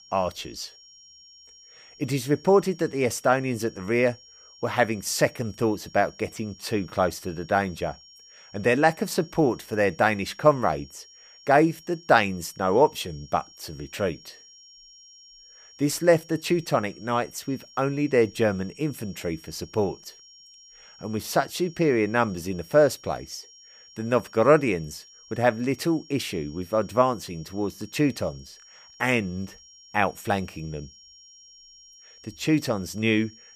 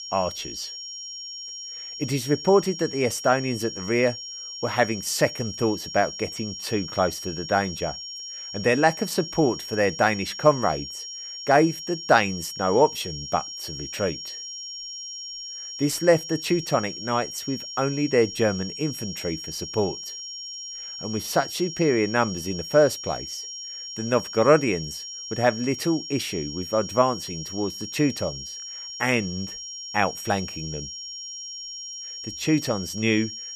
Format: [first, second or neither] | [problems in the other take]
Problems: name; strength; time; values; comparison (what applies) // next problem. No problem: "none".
first | high-pitched whine; loud; throughout; 5.5 kHz, 9 dB below the speech; faint in the first